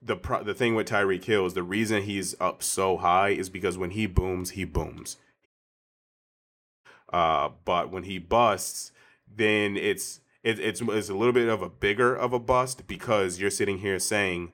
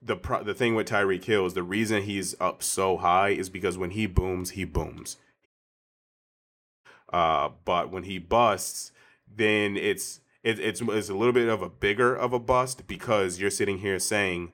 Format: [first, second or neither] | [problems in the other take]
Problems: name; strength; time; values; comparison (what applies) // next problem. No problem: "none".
neither | audio cutting out; at 5.5 s for 1.5 s; the same in both